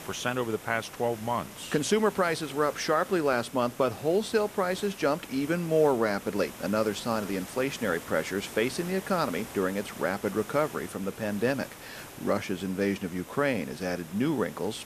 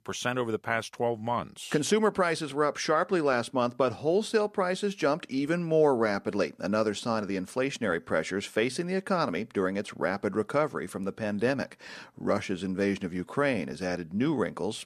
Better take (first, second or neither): second